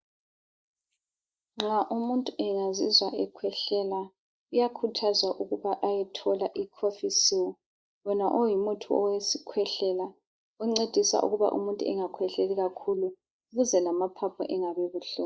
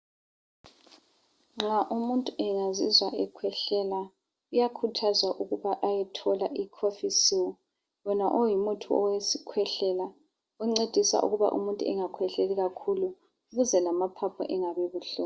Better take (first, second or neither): second